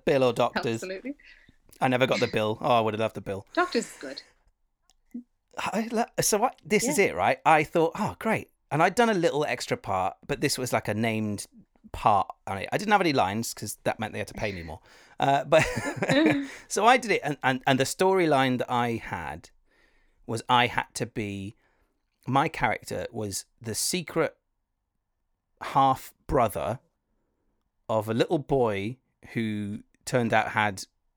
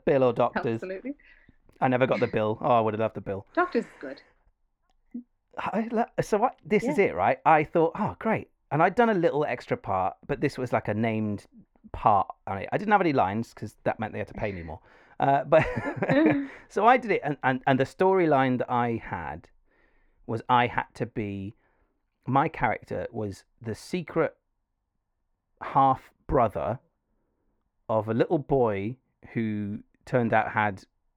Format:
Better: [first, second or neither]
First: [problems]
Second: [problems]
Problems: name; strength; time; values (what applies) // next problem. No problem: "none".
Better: first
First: none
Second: muffled; very; fading above 3.5 kHz